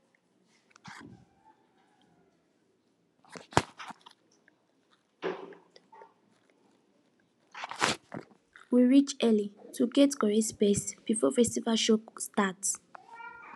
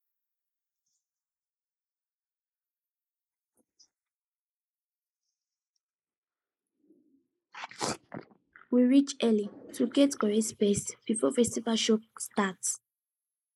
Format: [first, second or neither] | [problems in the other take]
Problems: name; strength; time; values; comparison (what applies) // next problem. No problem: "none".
first | noise reduction (neural mask model Resemble Enhance denoiser)